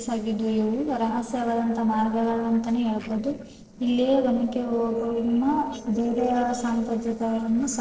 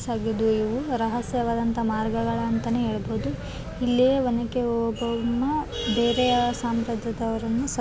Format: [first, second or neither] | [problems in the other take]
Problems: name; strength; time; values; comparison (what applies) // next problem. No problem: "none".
second | noise reduction (neural separator model SepFormer DNS4)